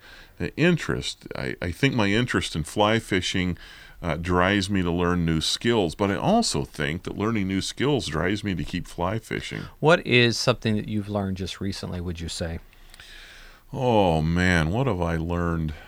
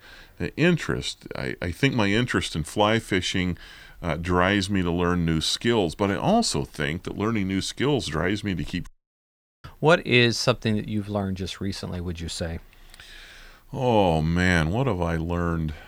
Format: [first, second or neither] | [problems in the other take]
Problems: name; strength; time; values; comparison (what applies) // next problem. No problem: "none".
first | audio cutting out; at 9 s for 1 s